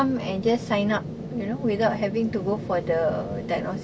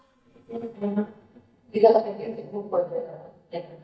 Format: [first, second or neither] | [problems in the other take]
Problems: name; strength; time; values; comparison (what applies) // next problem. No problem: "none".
first | noise reduction (neural mask model DeepFilterNet 3)